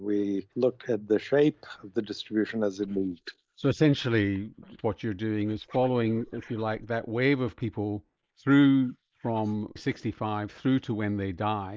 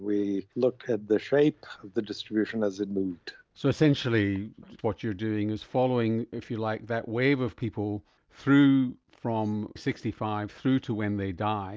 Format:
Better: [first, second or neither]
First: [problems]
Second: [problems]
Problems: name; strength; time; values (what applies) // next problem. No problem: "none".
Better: second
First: noise reduction (neural mask model Resemble Enhance denoiser)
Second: none